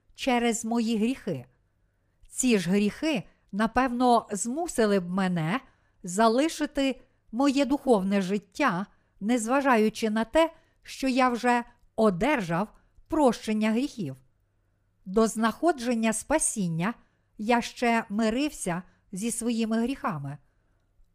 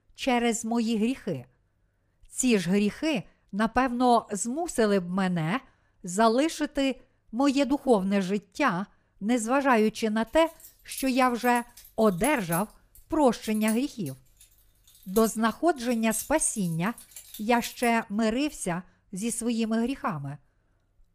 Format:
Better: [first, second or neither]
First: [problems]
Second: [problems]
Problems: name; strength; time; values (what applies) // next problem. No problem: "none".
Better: first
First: none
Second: jangling keys; noticeable; from 11 to 18 s; peak 7 dB below the speech